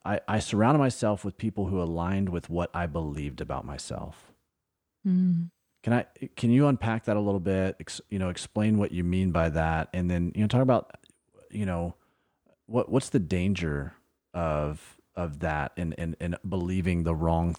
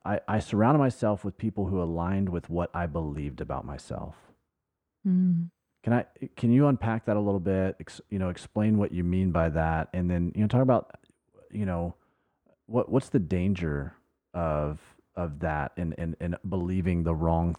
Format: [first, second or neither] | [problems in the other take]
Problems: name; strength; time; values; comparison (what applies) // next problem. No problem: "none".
first | muffled; slightly; fading above 2.5 kHz